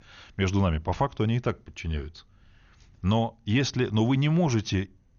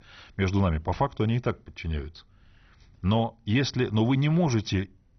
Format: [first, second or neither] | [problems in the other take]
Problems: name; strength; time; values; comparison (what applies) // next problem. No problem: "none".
first | garbled, watery; badly; nothing above 6 kHz; slightly in the first